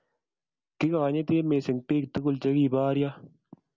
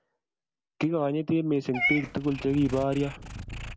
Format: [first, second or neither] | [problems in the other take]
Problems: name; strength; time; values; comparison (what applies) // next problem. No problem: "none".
first | background sound (Meow / Purr); 8 dB below the speech